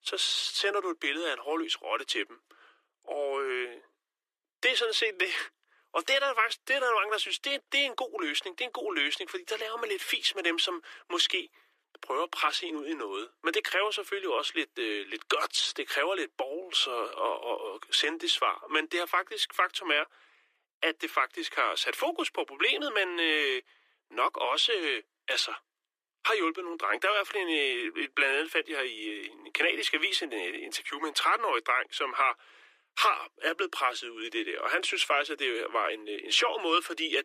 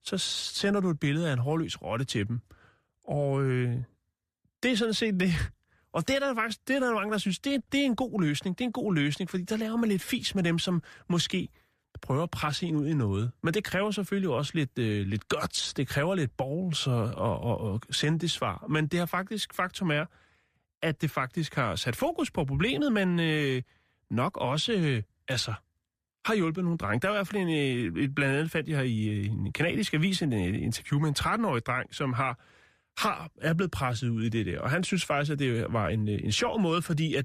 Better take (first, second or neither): second